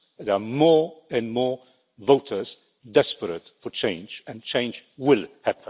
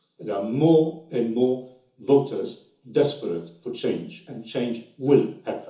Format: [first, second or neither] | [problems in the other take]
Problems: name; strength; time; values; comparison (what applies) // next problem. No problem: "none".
first | room echo; dies away in 0.6 s